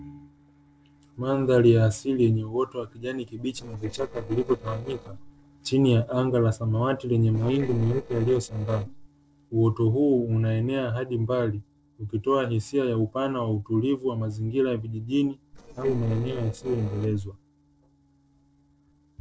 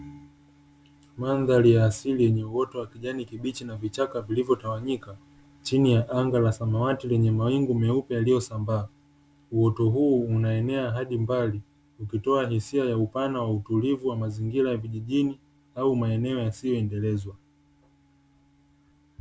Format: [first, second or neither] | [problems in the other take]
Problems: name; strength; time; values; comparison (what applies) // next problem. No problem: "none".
second | noise reduction (neural separator model SepFormer DNS4)